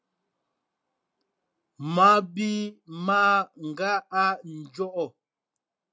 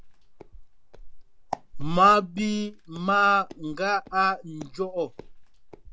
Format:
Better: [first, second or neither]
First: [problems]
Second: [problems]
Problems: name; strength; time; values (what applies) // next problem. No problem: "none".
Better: first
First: none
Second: background sound (Walk, footsteps); 11 dB below the speech